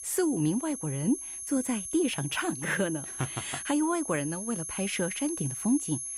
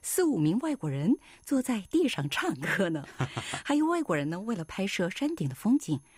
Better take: second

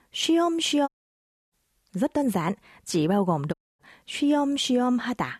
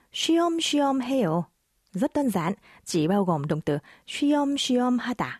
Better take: second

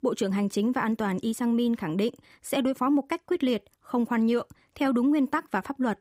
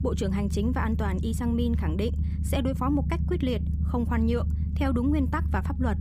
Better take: first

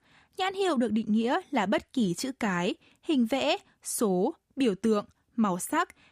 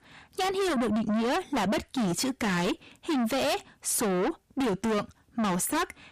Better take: first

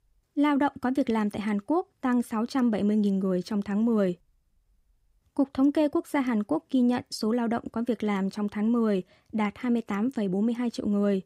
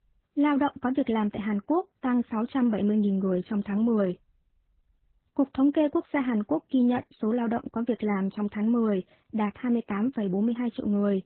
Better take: first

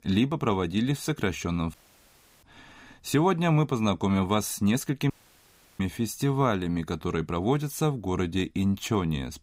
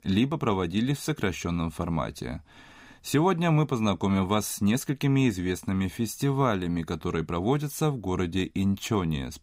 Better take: second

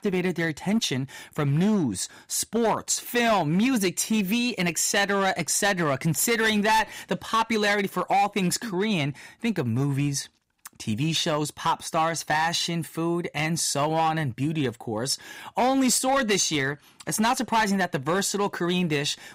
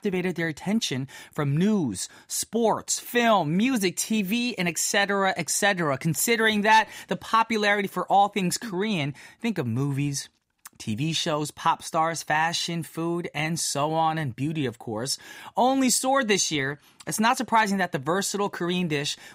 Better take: second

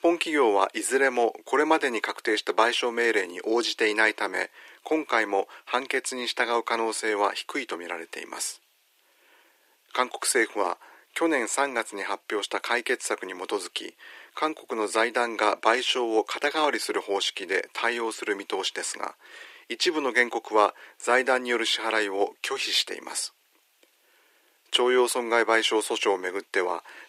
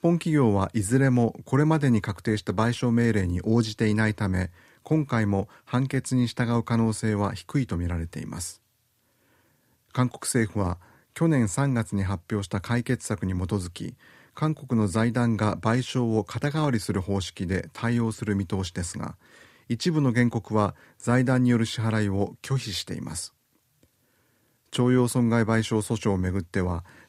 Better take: second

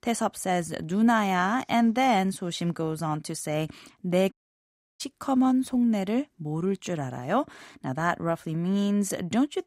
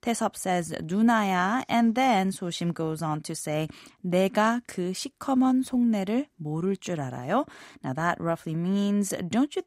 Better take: second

